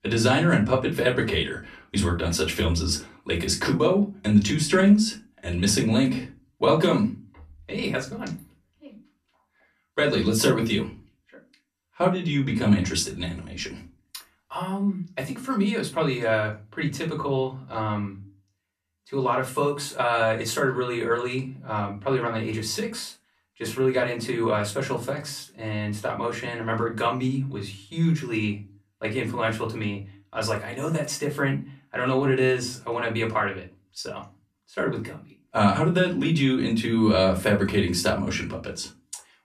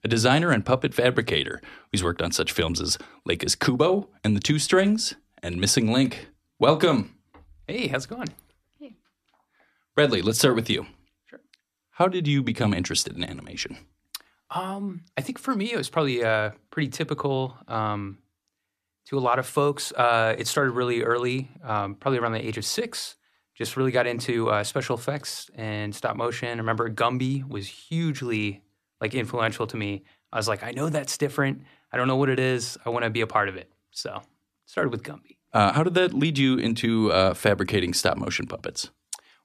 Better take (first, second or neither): second